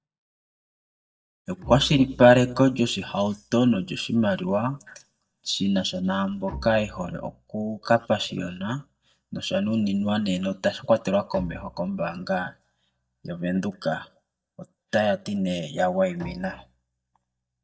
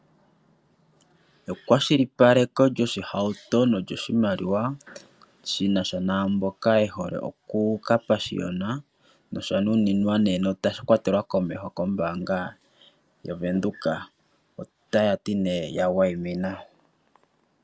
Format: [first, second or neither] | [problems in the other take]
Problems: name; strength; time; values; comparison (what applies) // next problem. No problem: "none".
second | noise reduction (neural mask model DeepFilterNet 3)